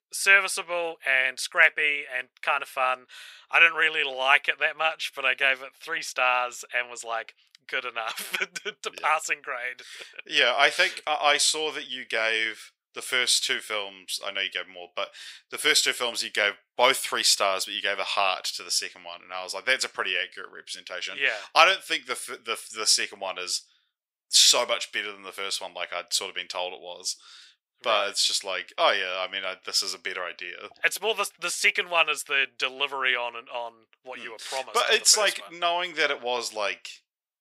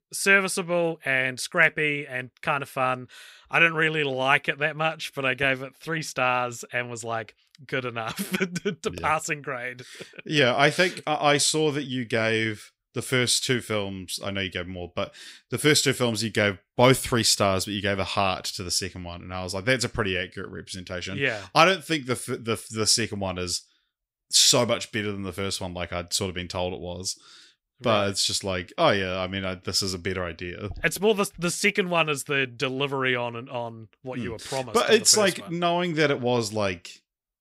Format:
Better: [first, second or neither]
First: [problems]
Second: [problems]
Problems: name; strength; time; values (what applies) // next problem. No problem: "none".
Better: second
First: thin; very; fading below 750 Hz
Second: none